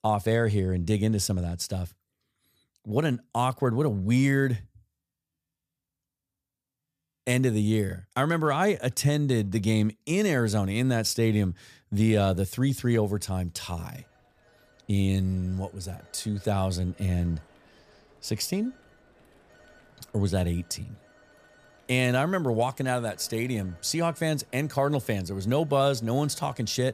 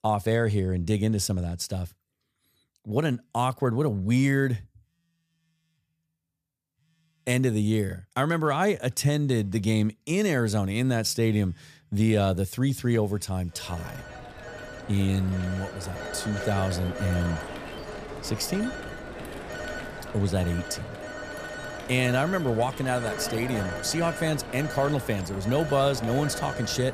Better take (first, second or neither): first